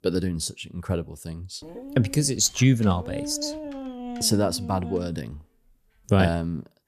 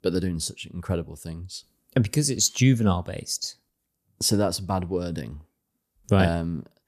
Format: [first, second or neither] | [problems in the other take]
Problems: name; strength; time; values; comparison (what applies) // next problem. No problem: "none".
second | dog barking; noticeable; from 1.5 to 5 s; peak 8 dB below the speech